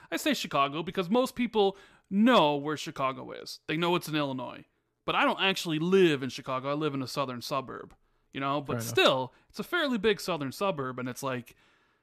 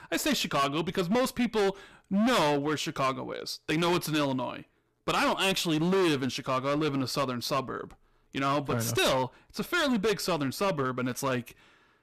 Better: first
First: none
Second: distortion; heavy; 15% of the sound clipped

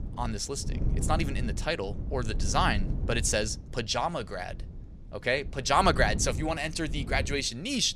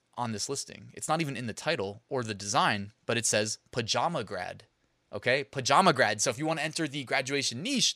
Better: second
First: wind noise on the microphone; occasional gusts; 15 dB below the speech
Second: none

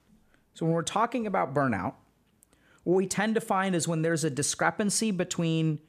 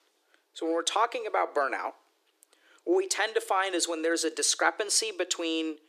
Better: first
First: none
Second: thin; very; fading below 300 Hz

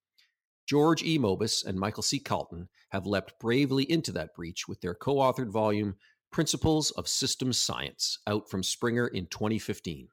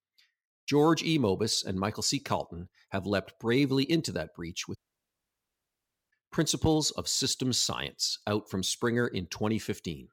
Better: first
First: none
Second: audio cutting out; at 5 s for 1.5 s

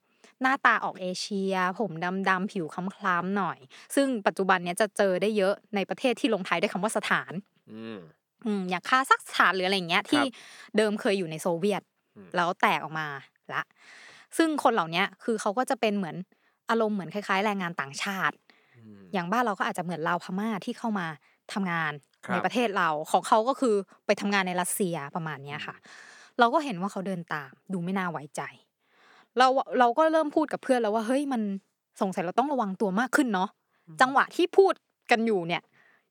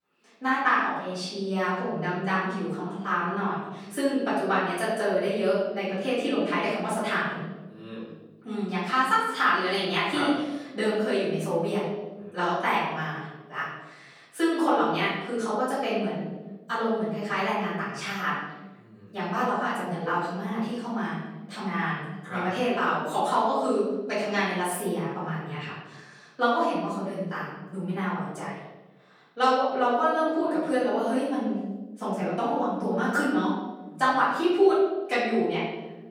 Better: first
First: none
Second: off-mic speech; far // room echo; noticeable; dies away in 1.1 s

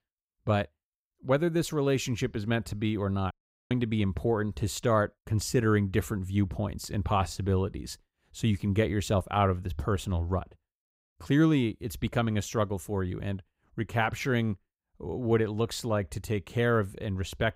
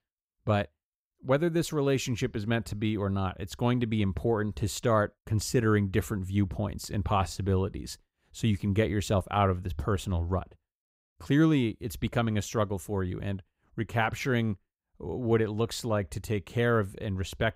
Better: second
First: audio cutting out; at 3.5 s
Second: none

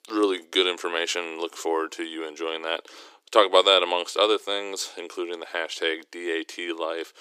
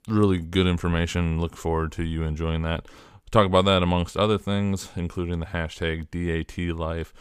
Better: second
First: thin; very; fading below 300 Hz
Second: none

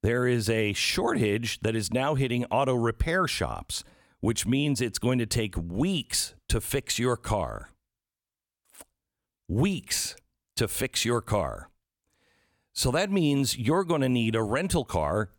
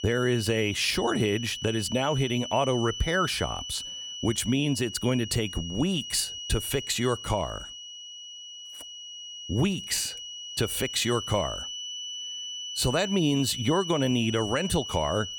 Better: first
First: none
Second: high-pitched whine; loud; throughout; 3 kHz, 8 dB below the speech

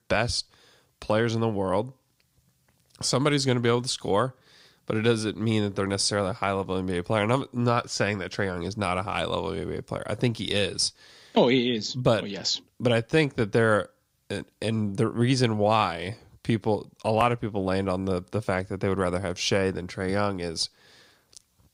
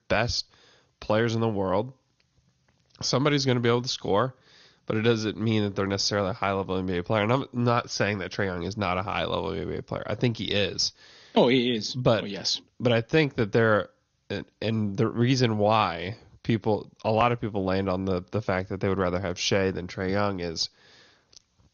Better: first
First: none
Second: garbled, watery; slightly; nothing above 6.5 kHz

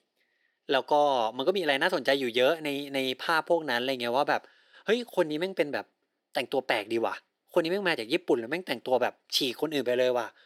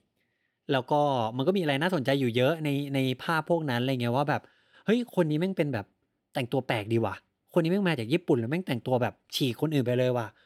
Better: second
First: thin; somewhat; fading below 450 Hz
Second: none

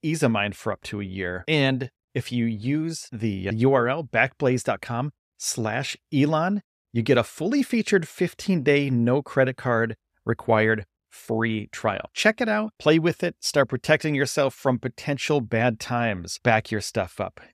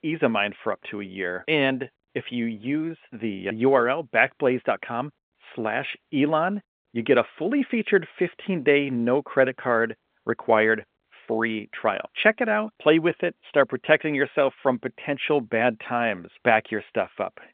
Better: first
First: none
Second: phone-call audio; nothing above 3.5 kHz

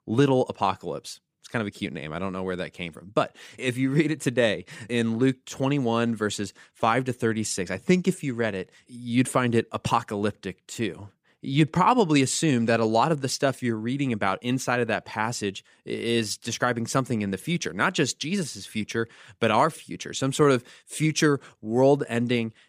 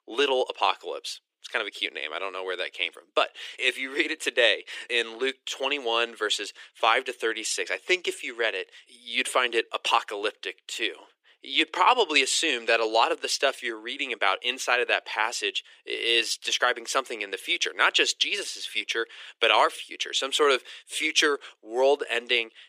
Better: first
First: none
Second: thin; very; fading below 350 Hz

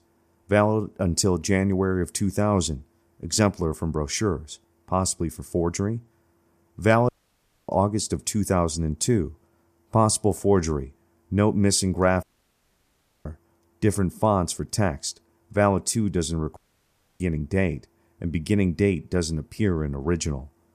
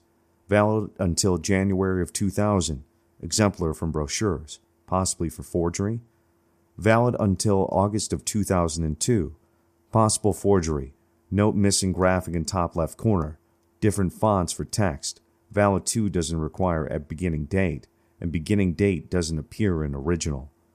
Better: second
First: audio cutting out; at 7 s for 0.5 s, at 12 s for 1 s and at 17 s for 0.5 s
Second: none

